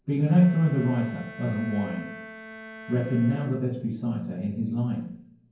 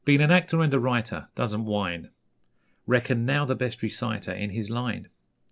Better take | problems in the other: second | background sound (Bowed string instrument); 18 dB below the speech // room echo; dies away in 0.9 s

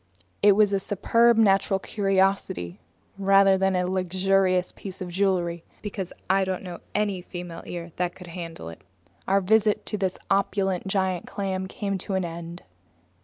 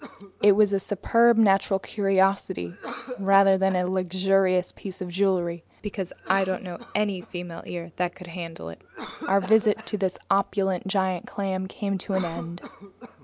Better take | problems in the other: first | background sound (Cough); 18 dB below the speech

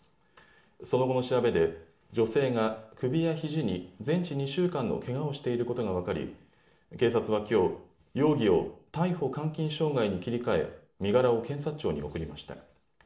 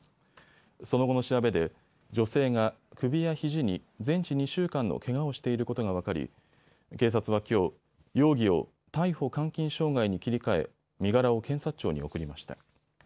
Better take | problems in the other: second | room echo; dies away in 0.6 s

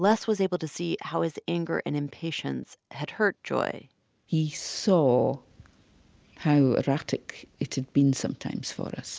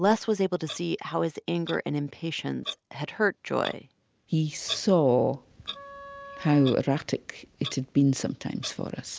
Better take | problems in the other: first | background sound (Wind instrument, woodwind instrument + Clock); 16 dB below the speech

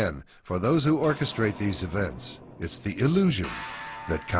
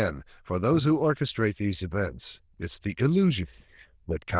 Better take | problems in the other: first | noise reduction (neural diffusion model UNIVERSE++)

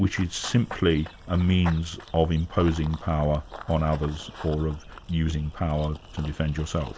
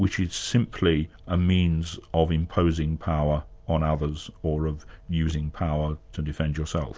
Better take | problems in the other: second | background sound (Run / Bird vocalization, bird call, bird song); 18 dB below the speech

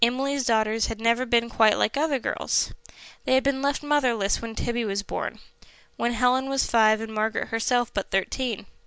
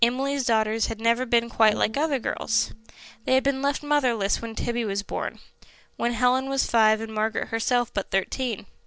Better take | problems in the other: first | noise reduction (neural separator model SepFormer DNS4)

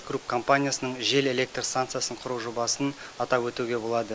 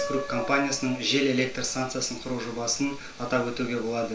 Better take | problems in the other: first | background sound (Piano); 12 dB below the speech // room echo; dies away in 0.3 s

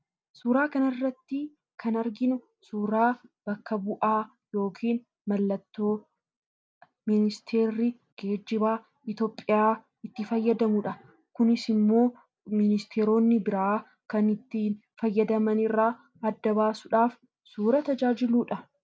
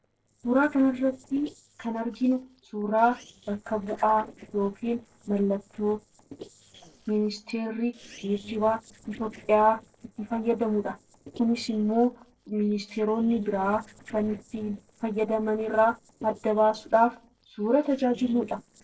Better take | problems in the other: first | noise reduction (neural separator model SepFormer DNS4)

